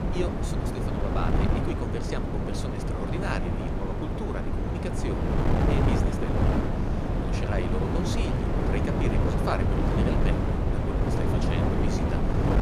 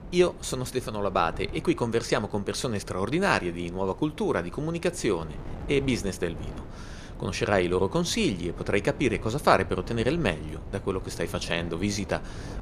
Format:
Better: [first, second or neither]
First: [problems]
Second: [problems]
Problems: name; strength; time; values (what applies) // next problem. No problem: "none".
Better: second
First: wind noise on the microphone; heavy; 4 dB above the speech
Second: wind noise on the microphone; occasional gusts; 20 dB below the speech